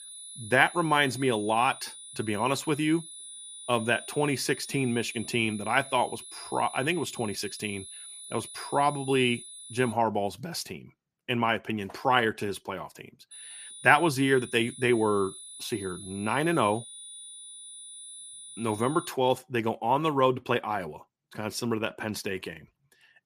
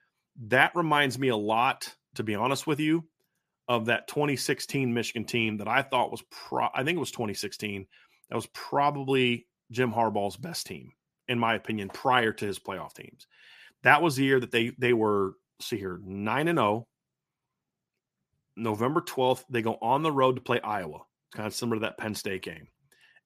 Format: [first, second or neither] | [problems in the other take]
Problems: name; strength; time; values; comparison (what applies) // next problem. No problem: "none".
second | high-pitched whine; noticeable; until 10 s and from 13 to 19 s; 10 kHz, 15 dB below the speech